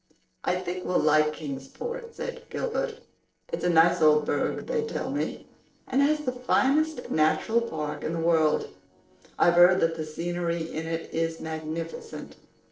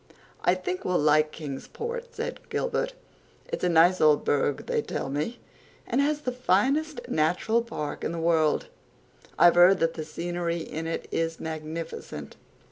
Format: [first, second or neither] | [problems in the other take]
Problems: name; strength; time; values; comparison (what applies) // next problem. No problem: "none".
second | noise reduction (neural separator model SepFormer DNS4)